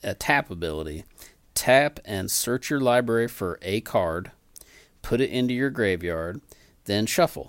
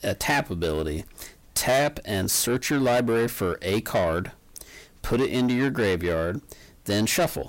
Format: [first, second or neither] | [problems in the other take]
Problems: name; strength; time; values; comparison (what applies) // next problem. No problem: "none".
first | distortion; heavy; 7 dB below the speech